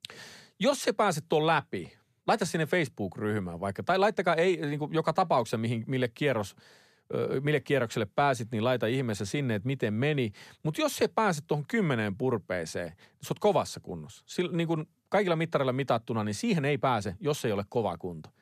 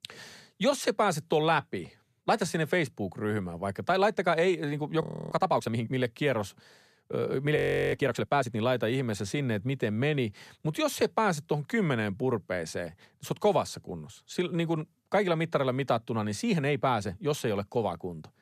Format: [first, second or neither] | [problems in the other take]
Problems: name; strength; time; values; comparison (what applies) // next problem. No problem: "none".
first | audio freezing; at 5 s and at 7.5 s